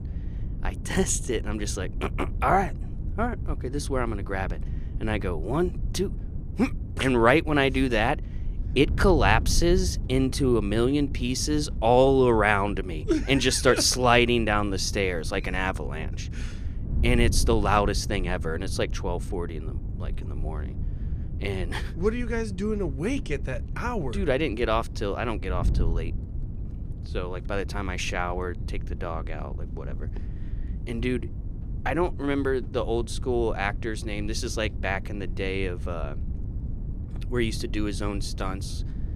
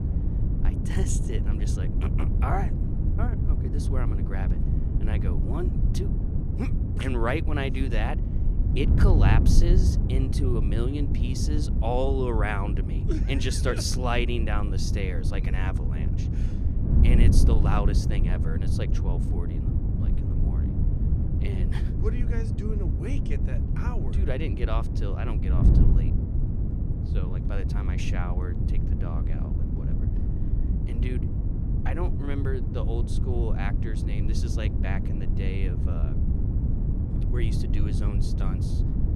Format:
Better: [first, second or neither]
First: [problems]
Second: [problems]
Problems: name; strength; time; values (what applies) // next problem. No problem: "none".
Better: first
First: wind noise on the microphone; occasional gusts; 20 dB below the speech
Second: wind noise on the microphone; heavy; 4 dB below the speech